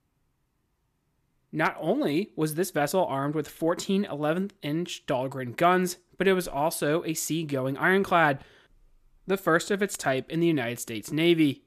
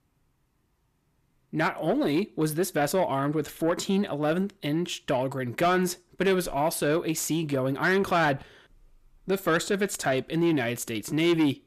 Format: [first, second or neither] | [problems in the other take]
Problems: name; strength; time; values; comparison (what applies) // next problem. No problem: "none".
first | distortion; slight; 10 dB below the speech